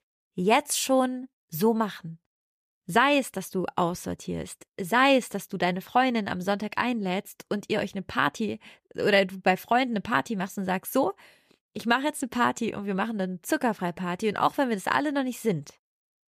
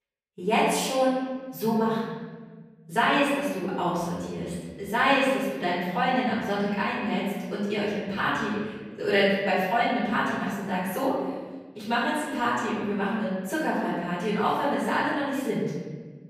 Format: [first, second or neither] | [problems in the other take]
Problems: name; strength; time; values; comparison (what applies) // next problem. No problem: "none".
first | off-mic speech; far // room echo; strong; dies away in 1.4 s